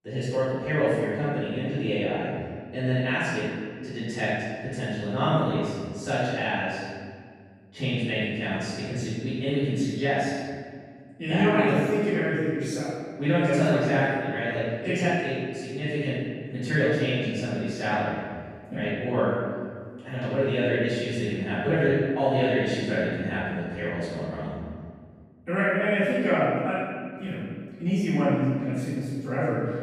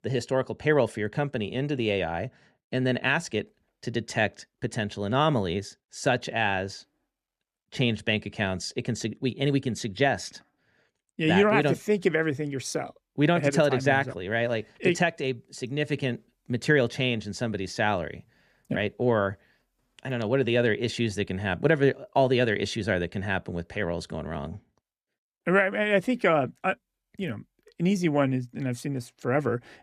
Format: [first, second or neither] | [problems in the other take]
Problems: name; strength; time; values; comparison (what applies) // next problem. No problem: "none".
second | off-mic speech; far // room echo; strong; dies away in 1.7 s